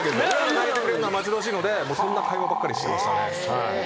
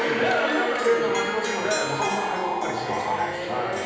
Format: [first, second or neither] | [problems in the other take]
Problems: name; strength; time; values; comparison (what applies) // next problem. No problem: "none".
first | background sound (Harp); 3 dB below the speech // room echo; dies away in 0.9 s